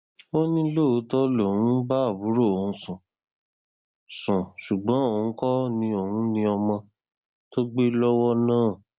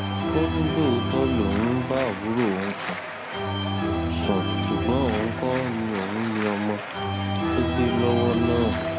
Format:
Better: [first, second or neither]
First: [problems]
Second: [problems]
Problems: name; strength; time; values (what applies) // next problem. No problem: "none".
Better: first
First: none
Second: background sound (Organ); as loud as the speech